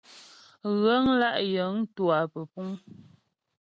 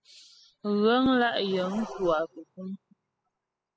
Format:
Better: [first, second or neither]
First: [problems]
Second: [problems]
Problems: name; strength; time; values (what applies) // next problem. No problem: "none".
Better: first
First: none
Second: noise reduction (classical method spectral subtraction)